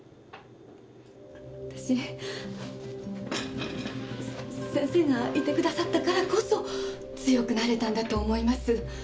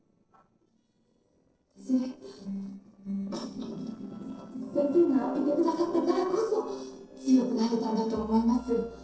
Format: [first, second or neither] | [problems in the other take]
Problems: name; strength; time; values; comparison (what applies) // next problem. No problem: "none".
first | noise reduction (neural separator model SepFormer DNS4)